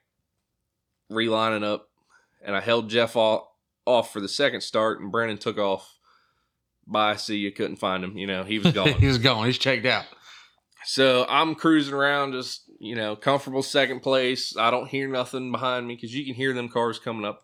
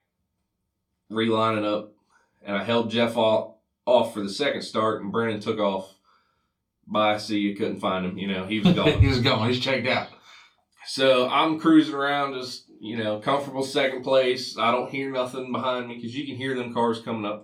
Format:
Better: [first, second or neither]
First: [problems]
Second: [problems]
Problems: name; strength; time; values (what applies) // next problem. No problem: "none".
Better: first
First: none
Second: off-mic speech; far // room echo; very slight; dies away in 0.2 s